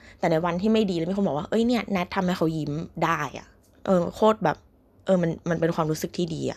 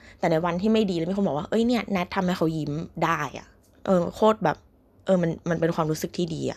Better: neither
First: none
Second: none

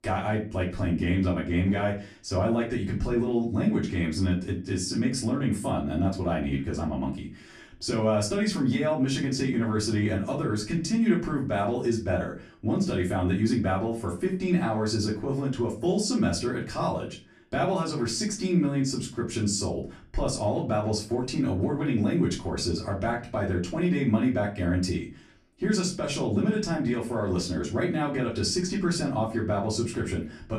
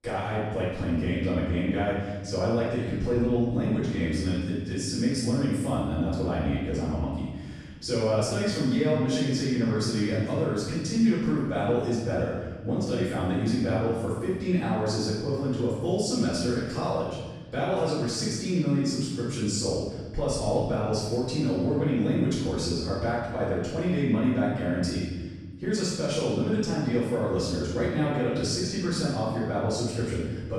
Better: first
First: room echo; slight; dies away in 0.3 s // off-mic speech; far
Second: room echo; strong; dies away in 1.4 s // off-mic speech; far

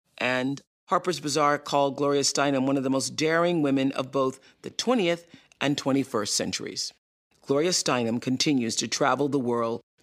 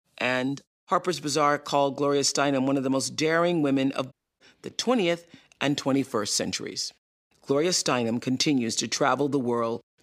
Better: first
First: none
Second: audio cutting out; at 4 s

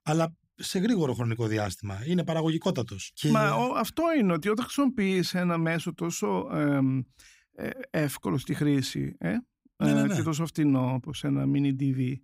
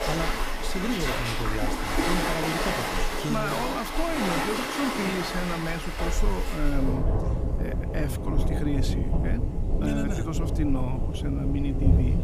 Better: first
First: none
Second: rain or running water; very loud; throughout; 3 dB above the speech

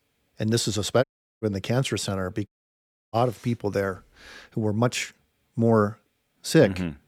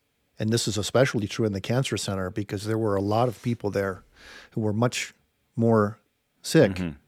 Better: second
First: audio cutting out; at 1 s and at 2.5 s for 0.5 s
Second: none

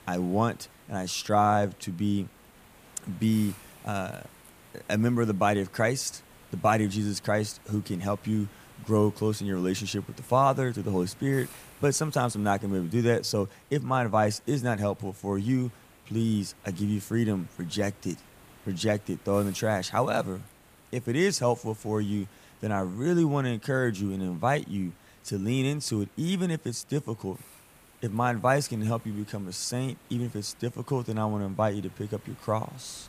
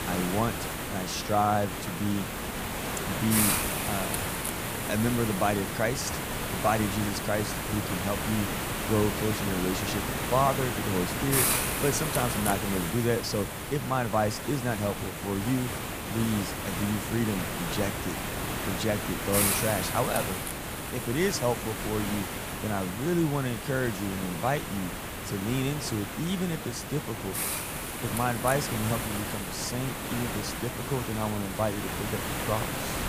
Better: first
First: hiss; faint; throughout; 25 dB below the speech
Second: hiss; loud; throughout; 1 dB below the speech

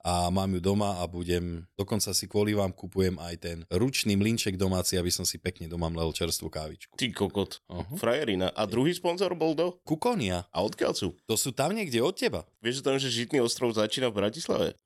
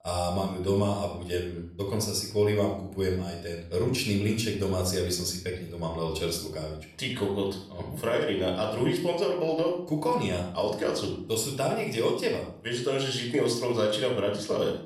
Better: first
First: none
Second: off-mic speech; somewhat distant // room echo; noticeable; dies away in 0.5 s

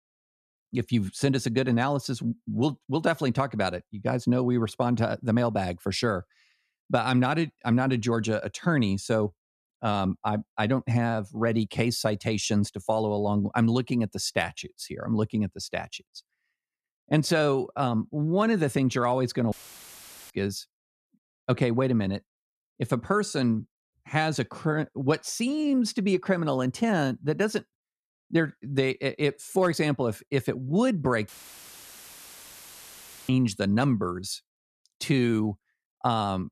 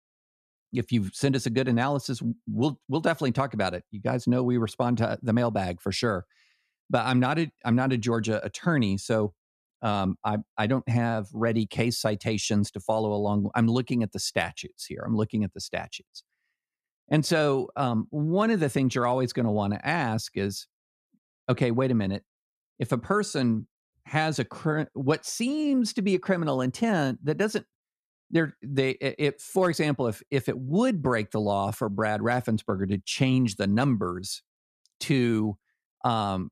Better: second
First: audio cutting out; filled with static; at 20 s for 1 s and at 31 s for 2 s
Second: none

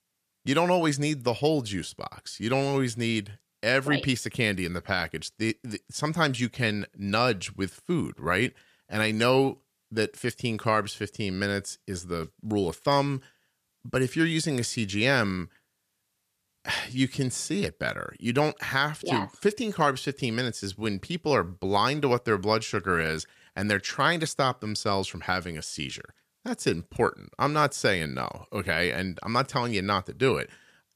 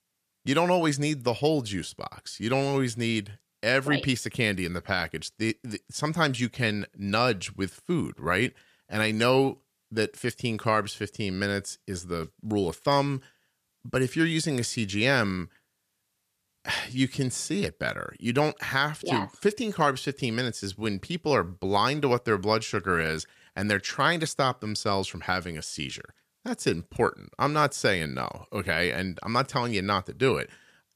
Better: neither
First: none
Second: none

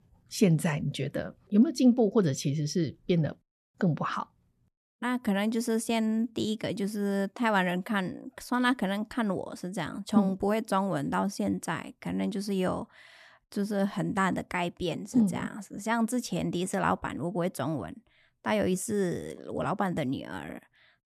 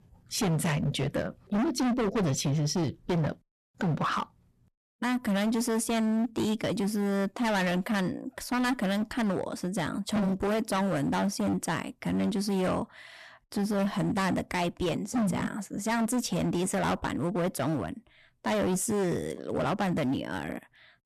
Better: first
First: none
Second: distortion; heavy; 21% of the sound clipped

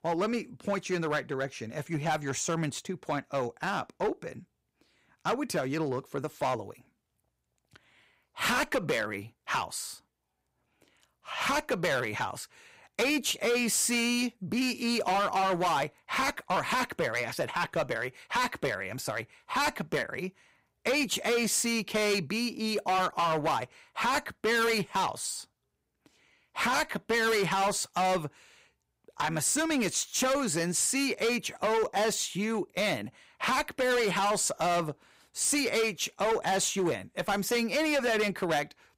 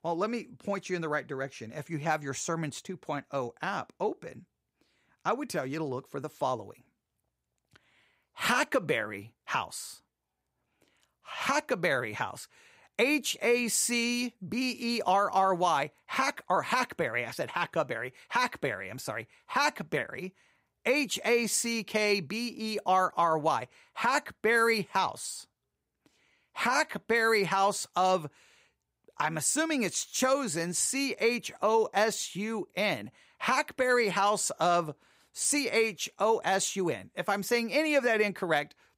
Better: second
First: distortion; heavy; 12% of the sound clipped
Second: none

